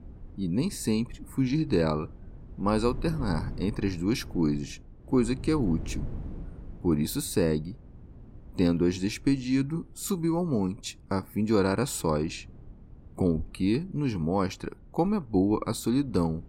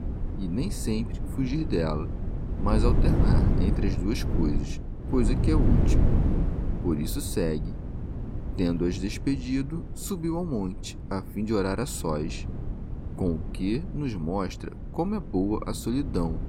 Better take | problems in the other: first | wind noise on the microphone; heavy; 7 dB below the speech; occasional gusts in the first

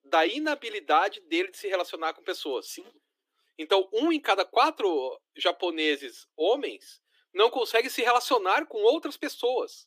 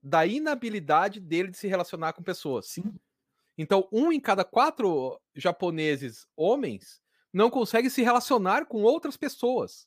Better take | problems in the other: second | thin; somewhat; fading below 300 Hz

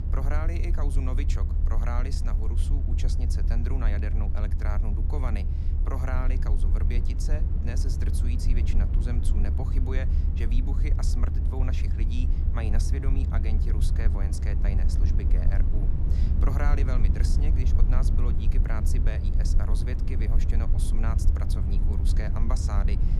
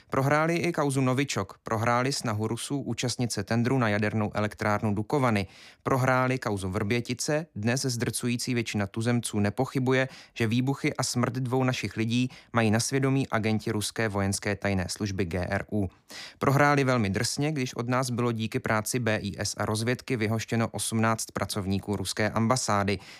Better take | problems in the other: second | low rumble; loud; throughout; 3 dB below the speech

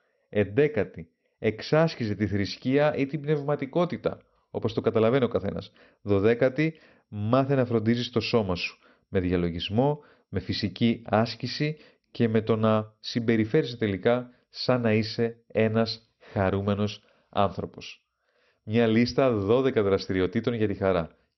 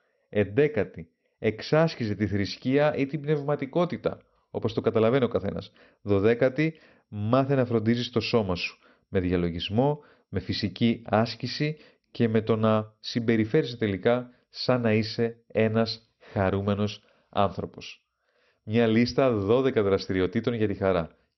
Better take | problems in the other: neither | garbled, watery; slightly; nothing above 5.5 kHz; the same in both

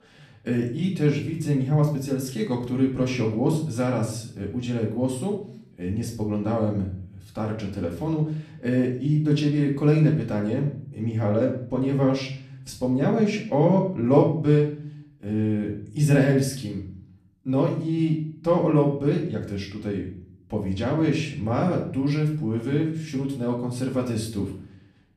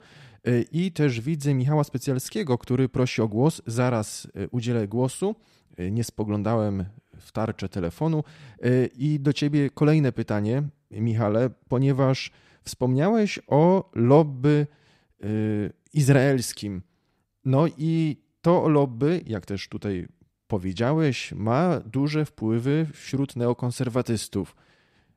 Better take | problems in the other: second | room echo; slight; dies away in 0.5 s // off-mic speech; far

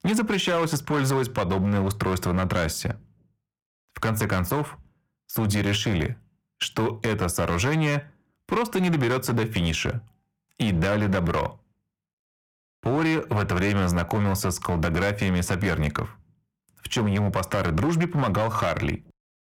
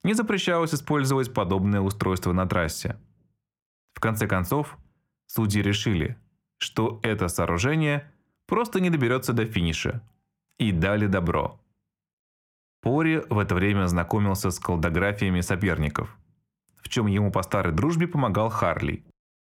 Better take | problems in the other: second | distortion; slight; 12% of the sound clipped

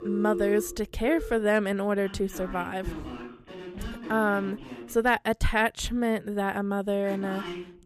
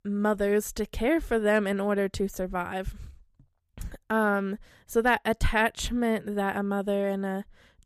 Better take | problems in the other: second | alarms or sirens; noticeable; throughout; 10 dB below the speech

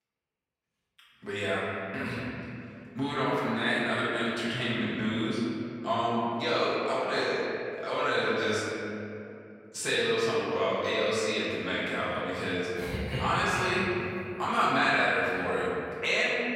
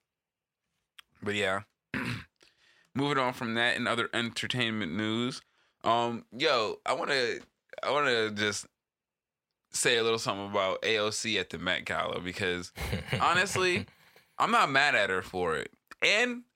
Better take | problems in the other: second | room echo; strong; dies away in 2.7 s // off-mic speech; far

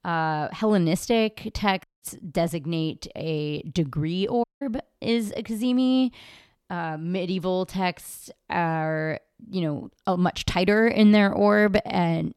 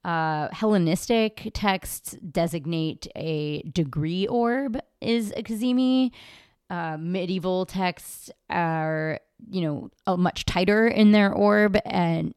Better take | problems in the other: second | audio cutting out; at 2 s and at 4.5 s

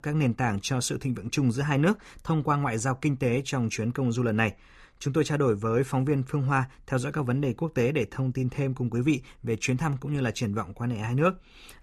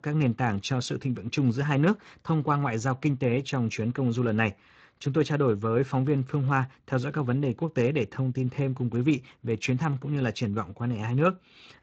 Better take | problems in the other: first | garbled, watery; slightly

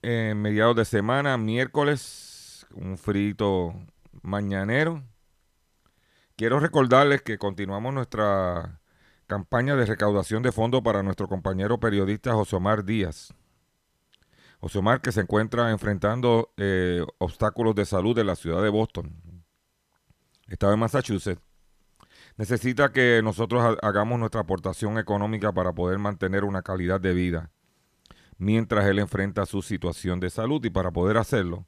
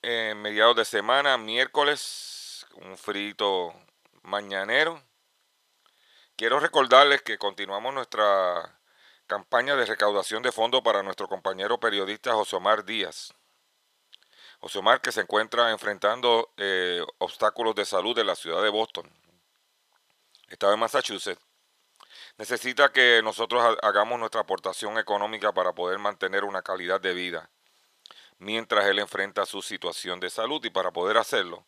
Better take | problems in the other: first | thin; very; fading below 650 Hz

